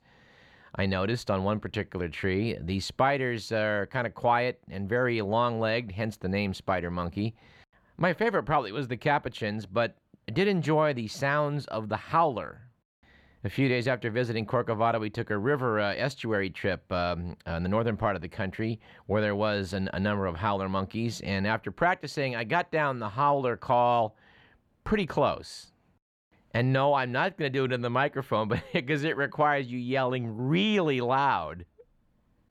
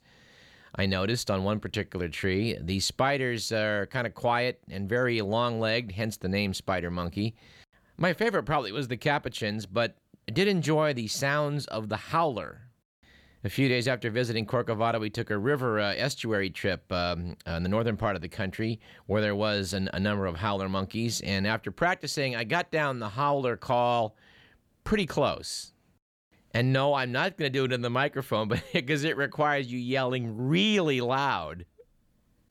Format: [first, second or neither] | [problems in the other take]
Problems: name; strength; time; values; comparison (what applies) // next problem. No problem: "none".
second | muffled; slightly; fading above 4 kHz